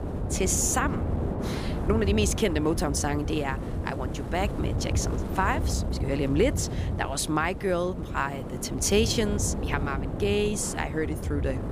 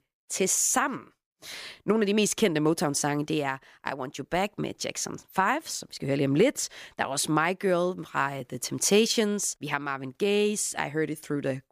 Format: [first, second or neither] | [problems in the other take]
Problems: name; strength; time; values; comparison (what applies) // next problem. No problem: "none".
second | wind noise on the microphone; heavy; 9 dB below the speech